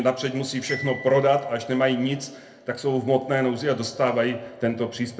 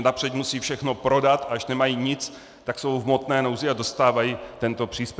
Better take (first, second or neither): second